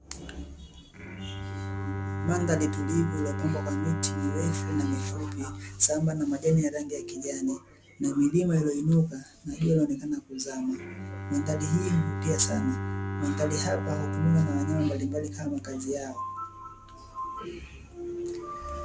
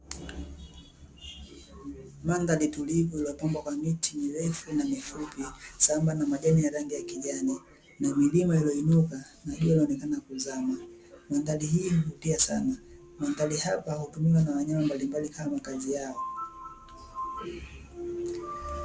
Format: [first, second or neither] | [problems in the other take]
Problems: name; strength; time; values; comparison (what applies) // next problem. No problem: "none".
second | background sound (Bowed string instrument); 6 dB below the speech